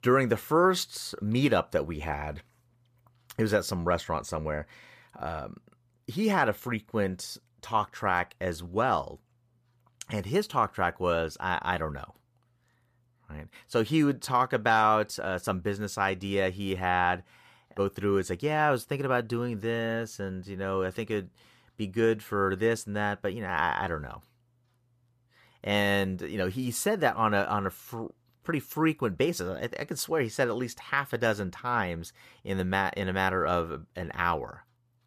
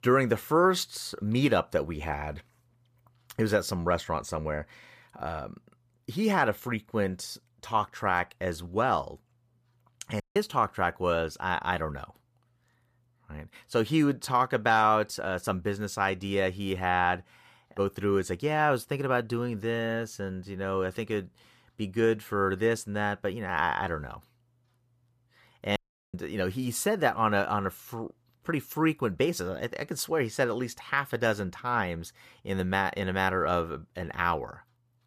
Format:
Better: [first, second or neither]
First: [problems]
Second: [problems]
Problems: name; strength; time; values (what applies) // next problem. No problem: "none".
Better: first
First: none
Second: audio cutting out; at 10 s and at 26 s